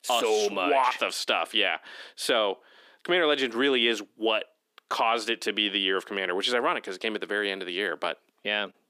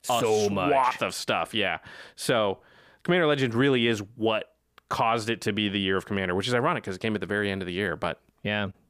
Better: second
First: thin; very slightly; fading below 250 Hz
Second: none

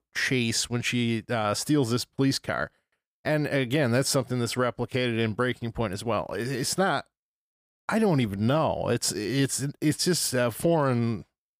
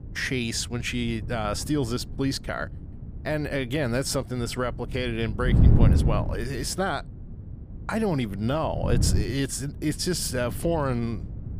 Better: first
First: none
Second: wind noise on the microphone; occasional gusts; 10 dB below the speech

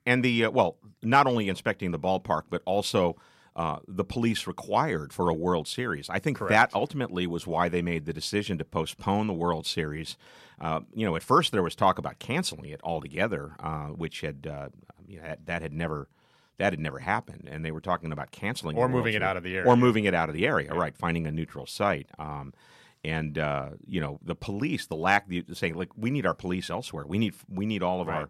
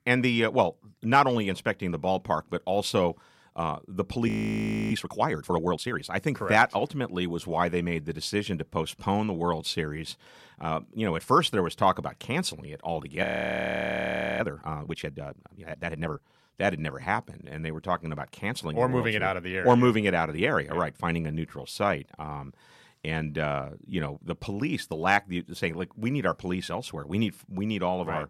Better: first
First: none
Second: audio freezing; at 4.5 s for 0.5 s and at 13 s for 1 s

